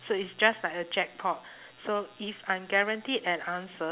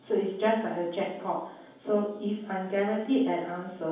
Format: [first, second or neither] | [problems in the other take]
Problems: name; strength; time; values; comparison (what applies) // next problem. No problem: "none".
first | room echo; dies away in 0.9 s